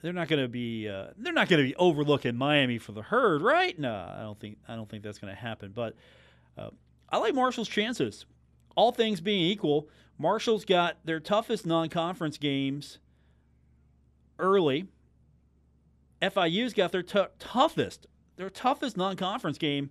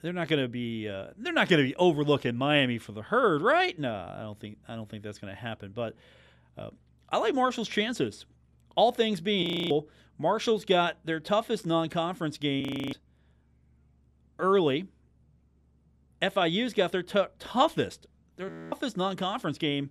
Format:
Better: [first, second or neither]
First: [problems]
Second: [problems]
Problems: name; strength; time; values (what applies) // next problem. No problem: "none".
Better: first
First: none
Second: audio freezing; at 9.5 s, at 13 s and at 18 s